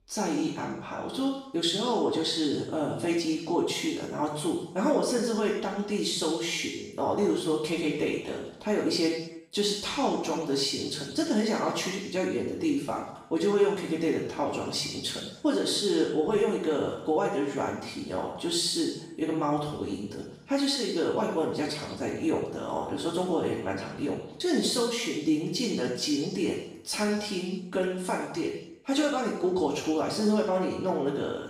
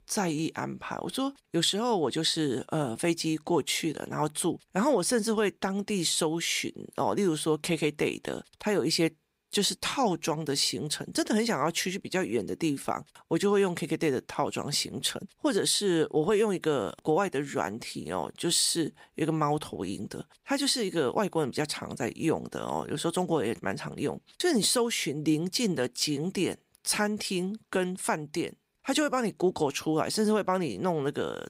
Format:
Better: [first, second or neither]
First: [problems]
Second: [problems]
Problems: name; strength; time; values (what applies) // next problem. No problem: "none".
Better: second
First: room echo; noticeable; dies away in 0.8 s // off-mic speech; far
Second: none